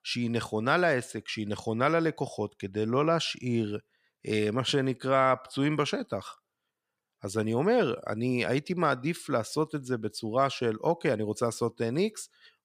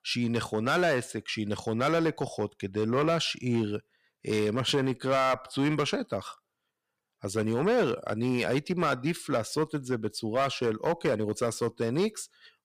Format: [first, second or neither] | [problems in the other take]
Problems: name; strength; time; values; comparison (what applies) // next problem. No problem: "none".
first | distortion; slight; 5% of the sound clipped